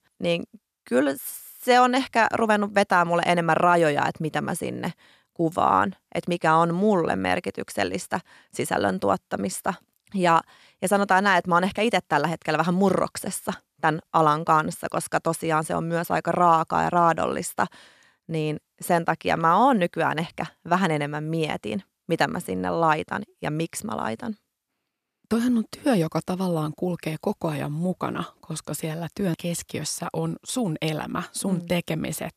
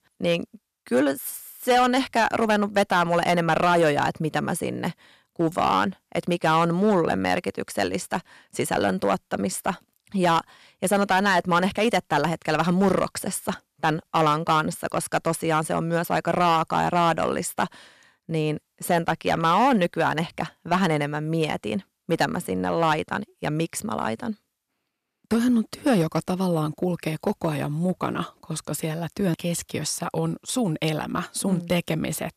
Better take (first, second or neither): first